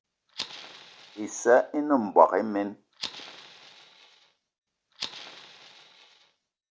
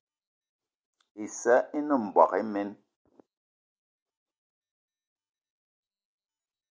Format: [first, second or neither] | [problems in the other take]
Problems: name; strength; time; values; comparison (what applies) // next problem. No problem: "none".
second | background sound (Fire); 16 dB below the speech